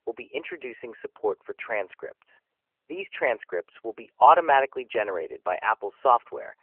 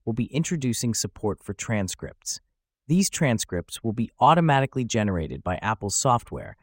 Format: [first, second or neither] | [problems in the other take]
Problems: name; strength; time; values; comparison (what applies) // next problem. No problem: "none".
second | phone-call audio; nothing above 3 kHz